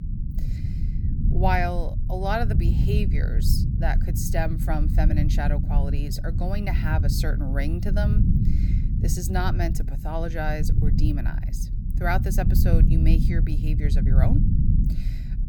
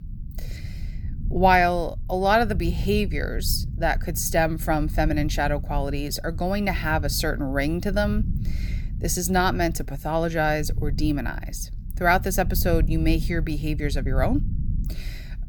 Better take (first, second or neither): second